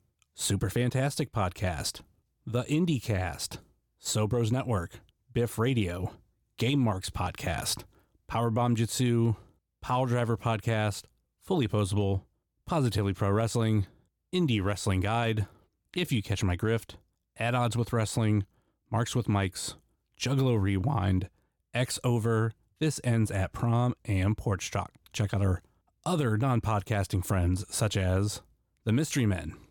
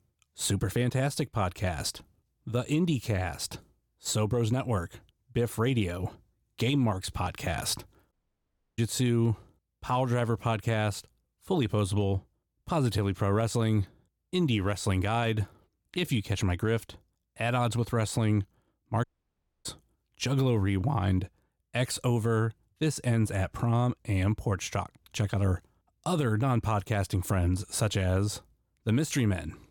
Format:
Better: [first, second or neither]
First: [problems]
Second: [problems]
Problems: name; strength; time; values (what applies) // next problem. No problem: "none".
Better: first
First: none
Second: audio cutting out; at 8 s for 0.5 s and at 19 s for 0.5 s